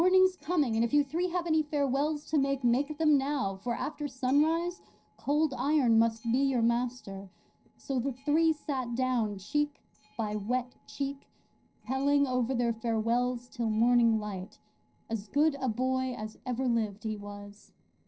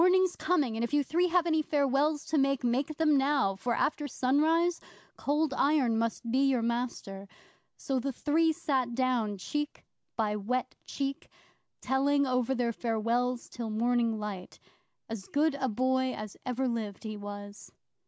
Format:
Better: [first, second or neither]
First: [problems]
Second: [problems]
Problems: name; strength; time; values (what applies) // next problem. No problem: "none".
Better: second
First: noise reduction (neural separator model SepFormer DNS4)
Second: none